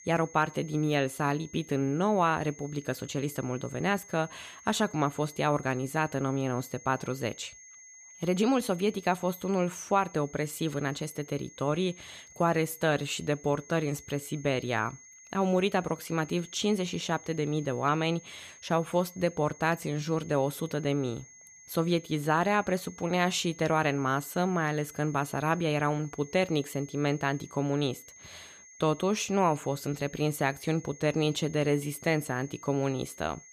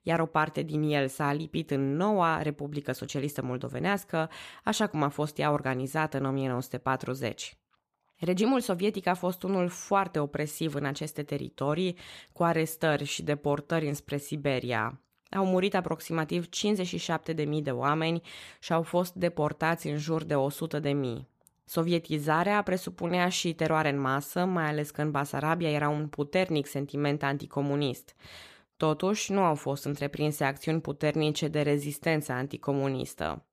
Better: second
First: high-pitched whine; noticeable; throughout; 6.5 kHz, 20 dB below the speech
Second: none

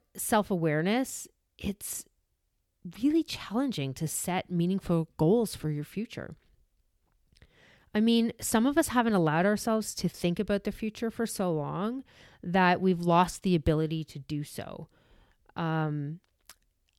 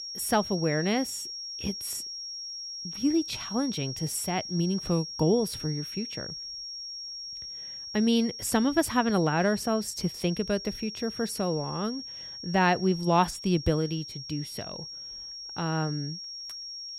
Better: first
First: none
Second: high-pitched whine; loud; throughout; 5.5 kHz, 8 dB below the speech

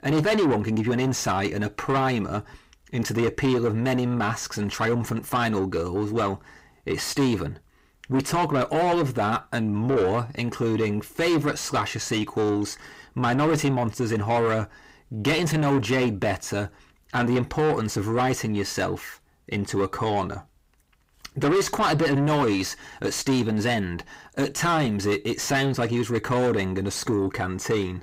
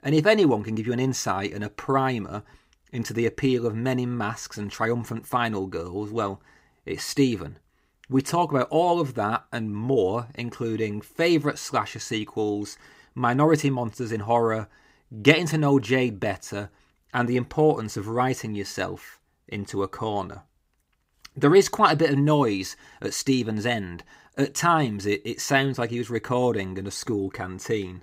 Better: second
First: distortion; heavy; 6 dB below the speech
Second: none

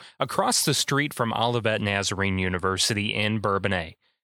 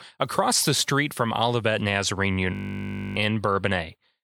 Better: first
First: none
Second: audio freezing; at 2.5 s for 0.5 s

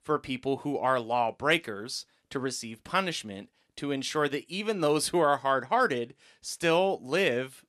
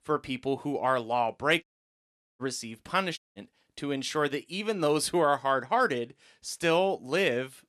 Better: first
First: none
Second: audio cutting out; at 1.5 s for 1 s and at 3 s

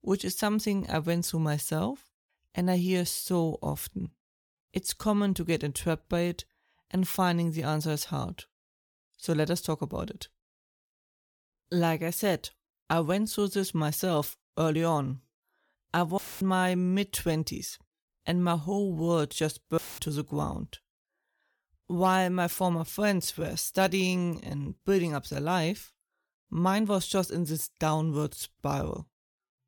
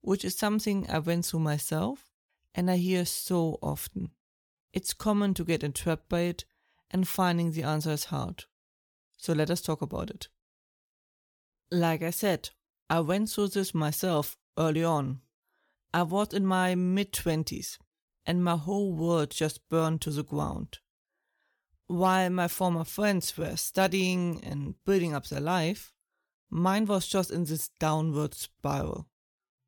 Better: second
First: audio cutting out; filled with static; at 16 s and at 20 s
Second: none

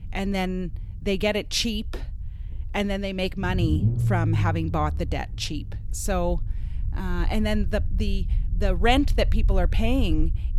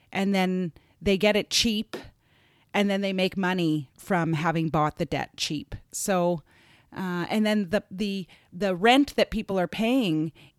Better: second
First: low rumble; noticeable; throughout; 15 dB below the speech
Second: none

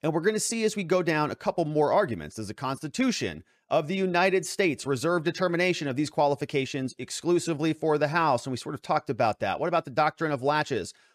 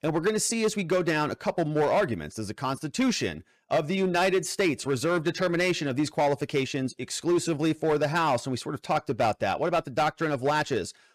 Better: first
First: none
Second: distortion; slight; 7% of the sound clipped

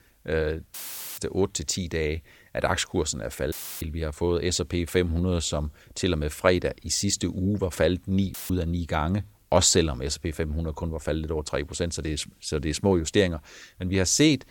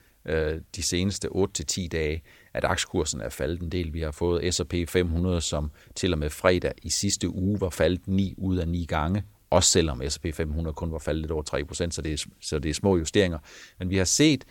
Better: second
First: audio cutting out; filled with static; at 0.5 s, at 3.5 s and at 8.5 s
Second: none

